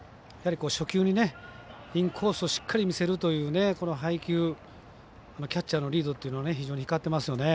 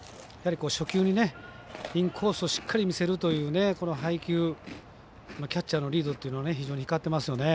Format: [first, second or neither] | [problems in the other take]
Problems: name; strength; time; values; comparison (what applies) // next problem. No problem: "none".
first | background sound (Chewing, mastication); 20 dB below the speech